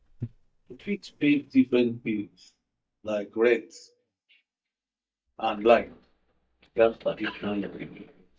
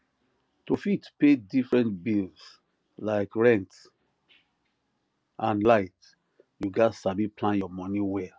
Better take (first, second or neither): second